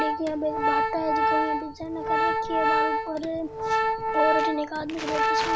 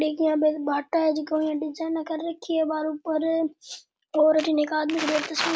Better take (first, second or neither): second